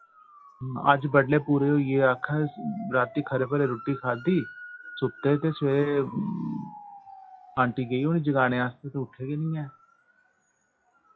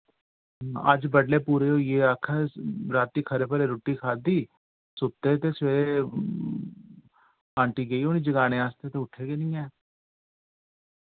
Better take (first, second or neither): second